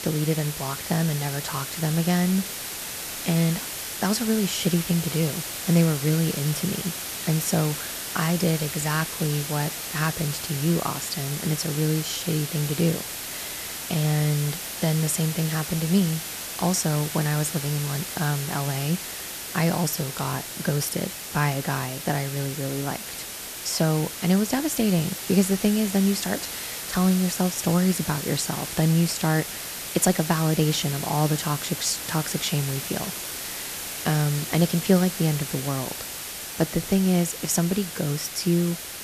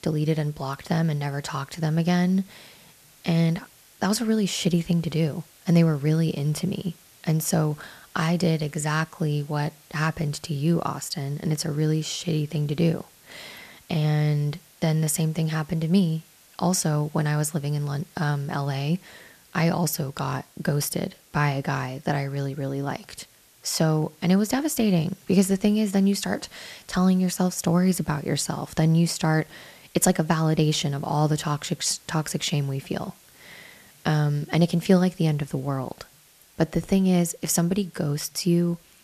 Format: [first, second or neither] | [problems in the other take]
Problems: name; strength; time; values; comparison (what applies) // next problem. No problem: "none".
second | hiss; loud; throughout; 6 dB below the speech; faint in the second